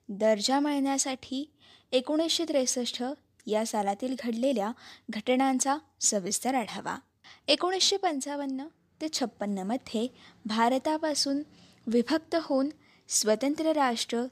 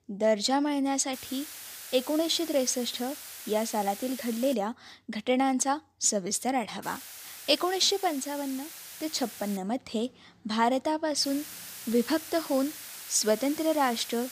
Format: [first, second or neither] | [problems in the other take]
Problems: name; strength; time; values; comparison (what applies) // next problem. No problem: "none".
first | hiss; noticeable; from 1 to 4.5 s, from 7 to 9.5 s and from 11 s on; 10 dB below the speech